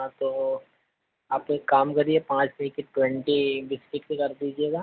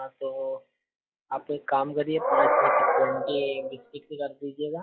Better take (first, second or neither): first